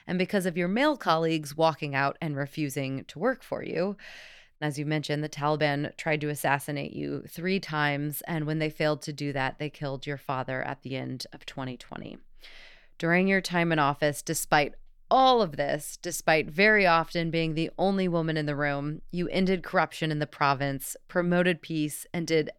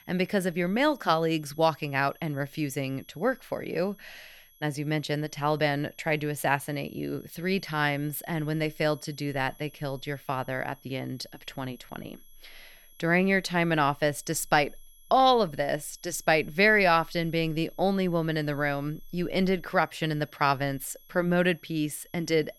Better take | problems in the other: first | high-pitched whine; faint; throughout; 11.5 kHz, 25 dB below the speech

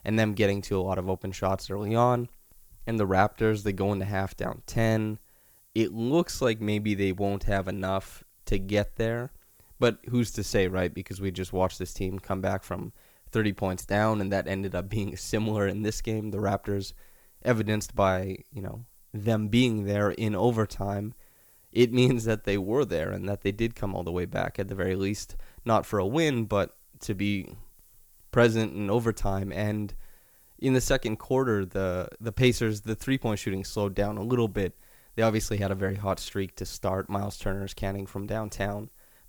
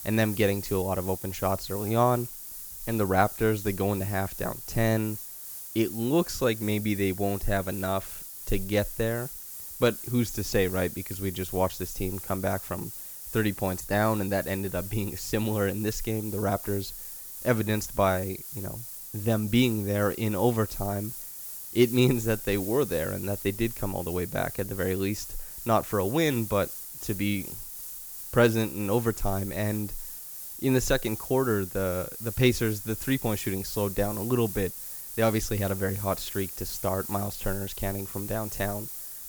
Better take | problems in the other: first | hiss; loud; throughout; 8 dB below the speech; faint in the first

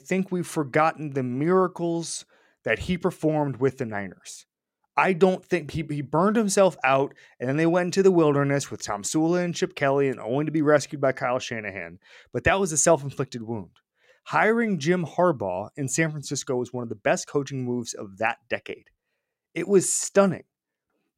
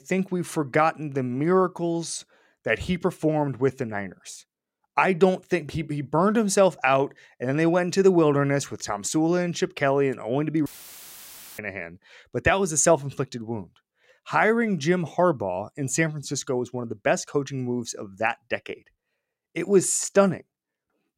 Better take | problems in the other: first | audio cutting out; filled with static; at 11 s for 1 s

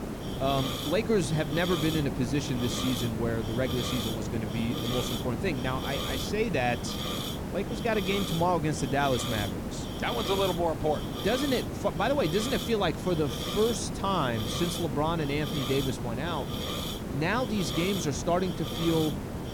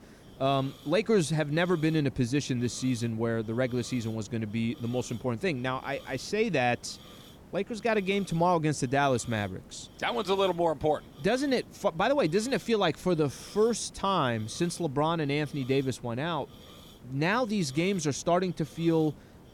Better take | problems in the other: second | hiss; loud; throughout; 3 dB below the speech; faint in the second

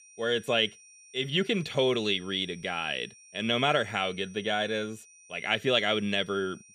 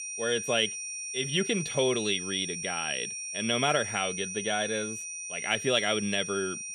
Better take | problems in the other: first | high-pitched whine; loud; throughout; 5.5 kHz, 5 dB below the speech; faint in the first

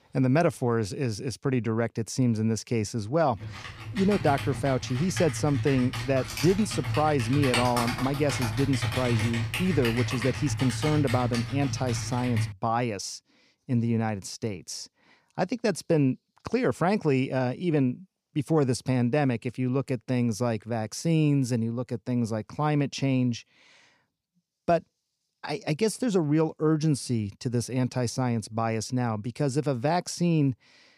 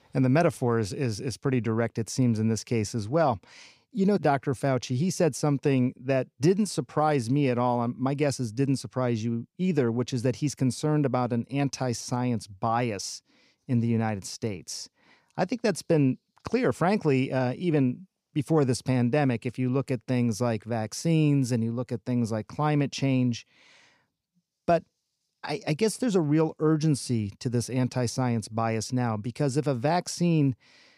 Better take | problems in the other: second | keyboard typing; loud; from 3.5 to 13 s; peak level with the speech

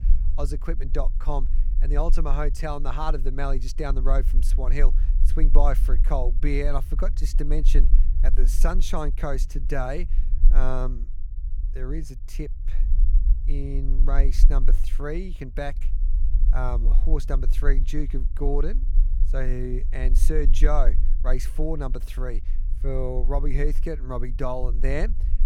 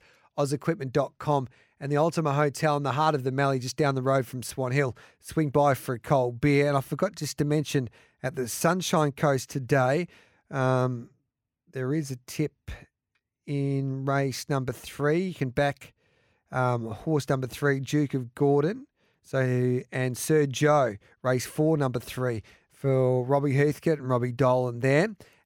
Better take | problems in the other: second | low rumble; noticeable; throughout; 15 dB below the speech

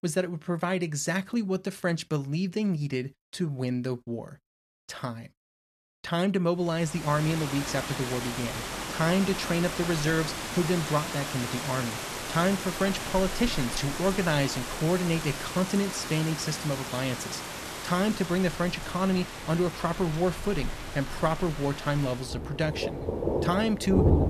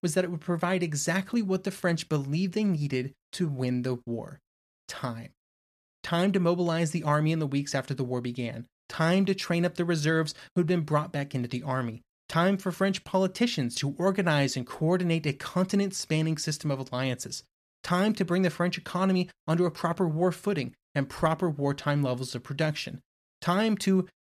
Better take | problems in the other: second | rain or running water; loud; from 7 s on; 5 dB below the speech

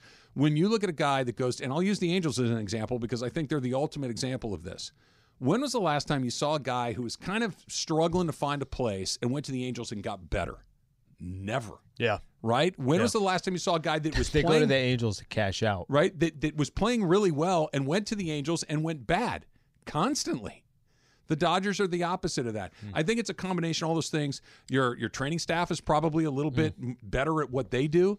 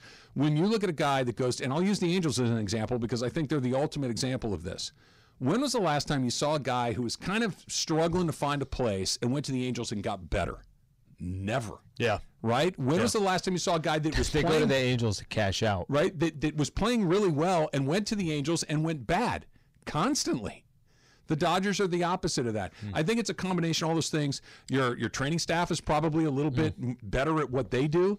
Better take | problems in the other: first | distortion; slight; 10 dB below the speech

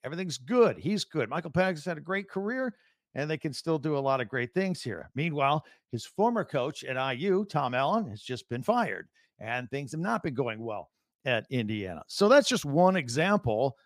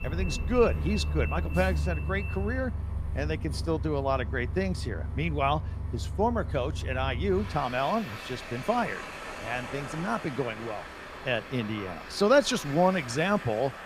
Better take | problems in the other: first | traffic noise; loud; throughout; 6 dB below the speech

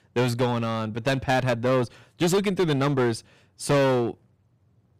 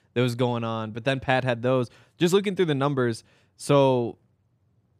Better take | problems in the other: second | distortion; heavy; 11% of the sound clipped

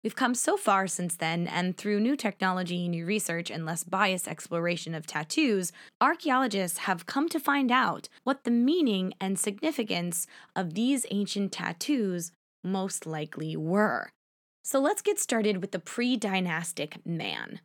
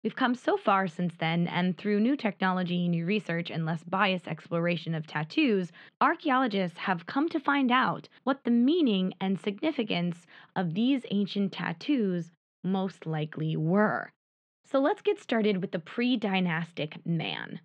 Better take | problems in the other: first | muffled; slightly; fading above 3.5 kHz

